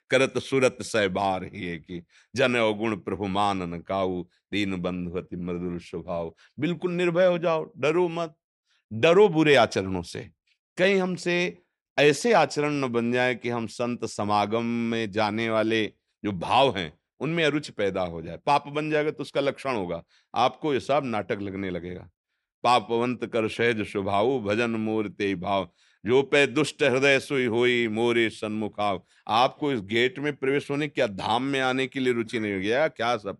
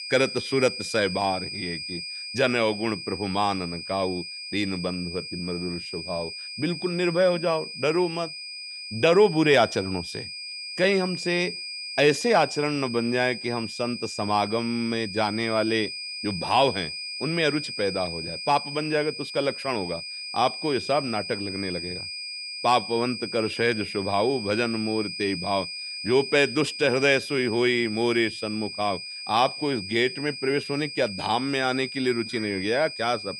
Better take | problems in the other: first | high-pitched whine; loud; throughout; 5 kHz, 8 dB below the speech

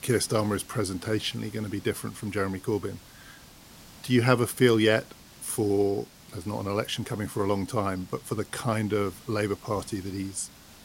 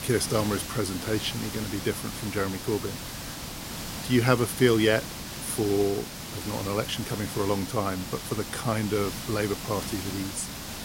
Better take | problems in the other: first | hiss; loud; throughout; 7 dB below the speech; faint in the first

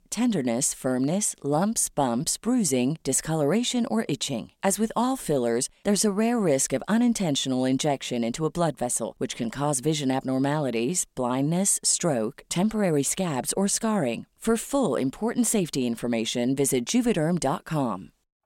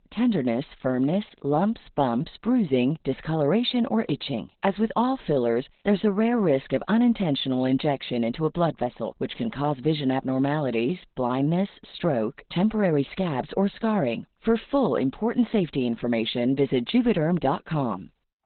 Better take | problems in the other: first | garbled, watery; badly; nothing above 4 kHz

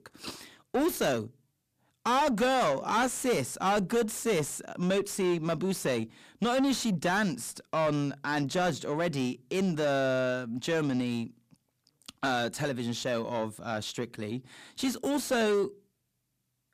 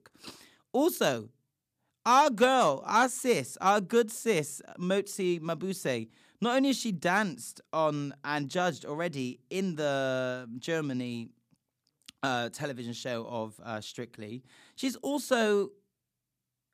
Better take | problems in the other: second | distortion; heavy; 7 dB below the speech

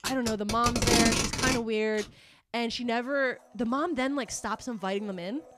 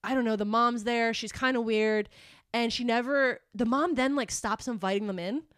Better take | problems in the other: second | household noises; very loud; throughout; 3 dB above the speech

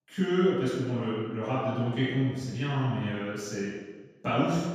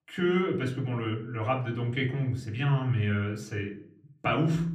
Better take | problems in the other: second | room echo; strong; dies away in 1.2 s; slight in the second // off-mic speech; far; far in the second

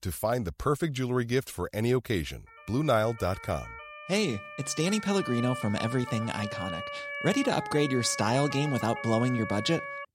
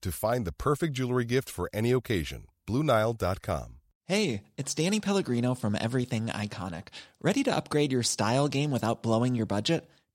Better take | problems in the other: second | siren; noticeable; from 2.5 s on; peak 5 dB below the speech

